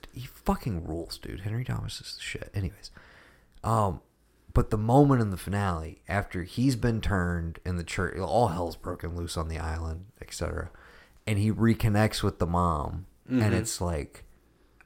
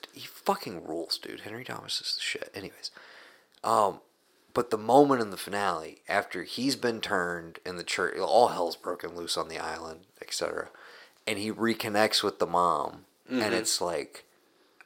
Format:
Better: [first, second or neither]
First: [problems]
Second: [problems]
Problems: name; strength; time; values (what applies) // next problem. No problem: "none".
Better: first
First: none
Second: thin; somewhat; fading below 400 Hz